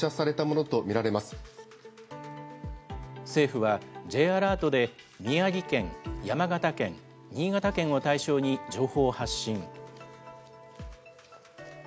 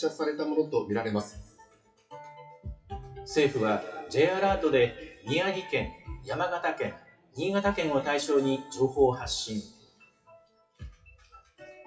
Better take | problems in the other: first | noise reduction (classical method WPE with log-MMSE)

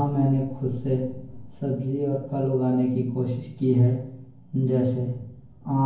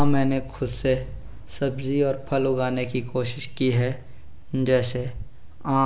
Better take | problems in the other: second | room echo; dies away in 0.9 s

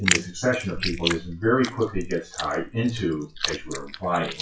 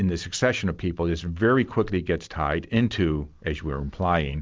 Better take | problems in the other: second | noise reduction (classical method WPE with log-MMSE)

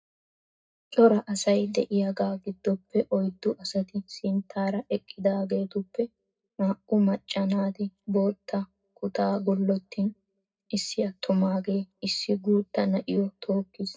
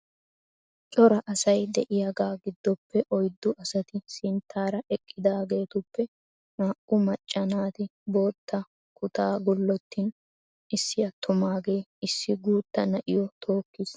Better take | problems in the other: second | room echo; dies away in 0.2 s

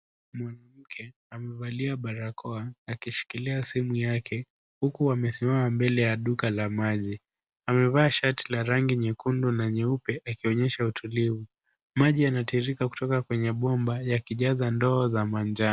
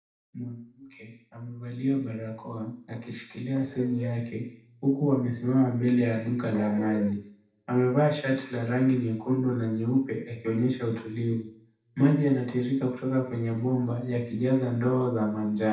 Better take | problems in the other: first | noise reduction (neural separator model SepFormer DNS4)

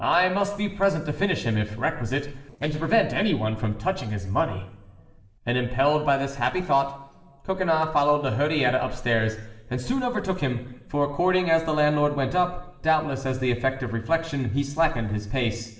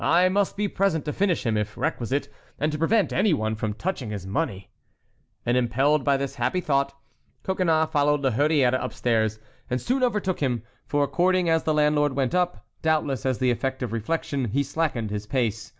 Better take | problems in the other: second | noise reduction (neural separator model SepFormer DNS4)

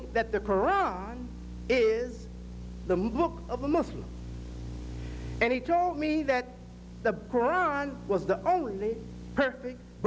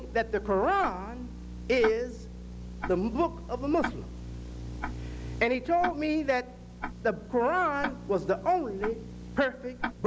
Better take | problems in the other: first | background sound (Tick-tock); 12 dB below the speech

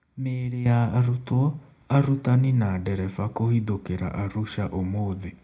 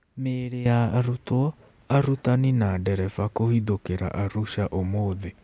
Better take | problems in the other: second | room echo; dies away in 0.2 s

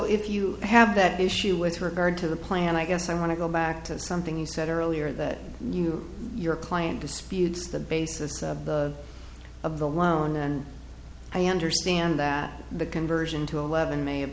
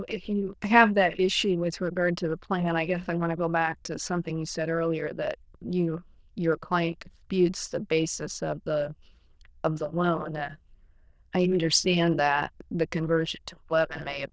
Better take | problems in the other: first | noise reduction (neural diffusion model UNIVERSE++)

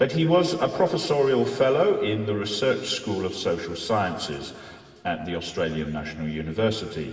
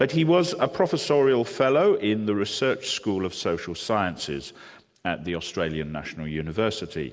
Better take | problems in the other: second | room echo; dies away in 2.3 s

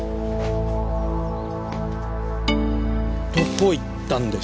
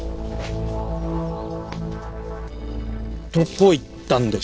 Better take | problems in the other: first | noise reduction (neural separator model SepFormer DNS4)

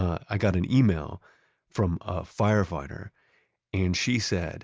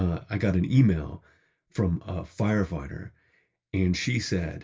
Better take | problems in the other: first | room echo; dies away in 0.1 s

